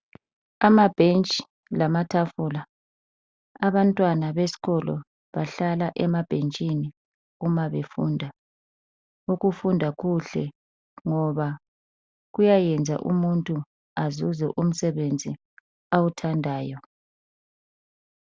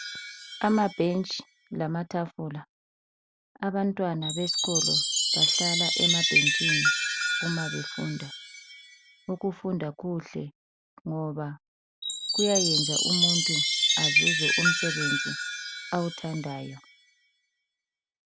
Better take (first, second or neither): first